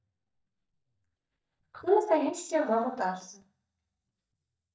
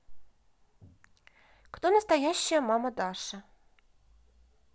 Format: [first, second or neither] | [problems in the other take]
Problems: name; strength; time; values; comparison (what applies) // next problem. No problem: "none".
second | noise reduction (neural mask model DeepFilterNet 3)